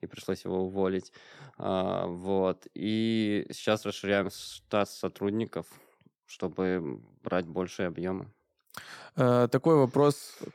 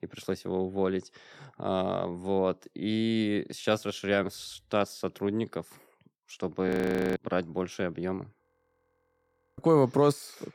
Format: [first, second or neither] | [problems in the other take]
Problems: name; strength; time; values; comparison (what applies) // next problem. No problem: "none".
first | audio freezing; at 6.5 s and at 8.5 s for 1 s